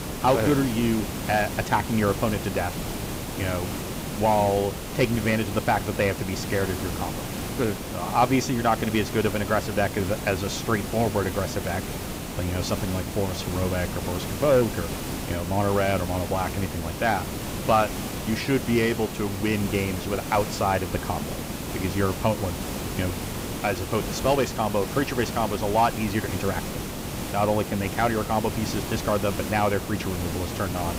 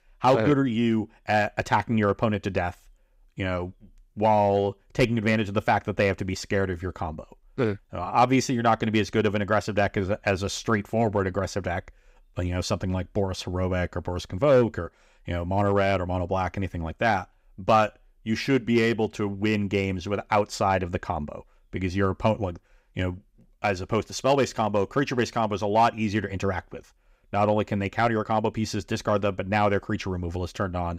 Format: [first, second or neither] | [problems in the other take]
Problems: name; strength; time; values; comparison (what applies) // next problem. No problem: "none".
second | hiss; loud; throughout; 6 dB below the speech